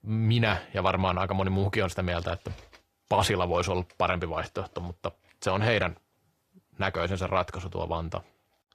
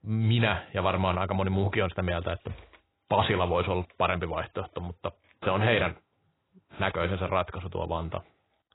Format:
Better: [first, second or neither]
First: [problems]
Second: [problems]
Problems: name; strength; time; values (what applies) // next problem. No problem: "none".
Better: first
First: garbled, watery; slightly; nothing above 14.5 kHz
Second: garbled, watery; badly; nothing above 4 kHz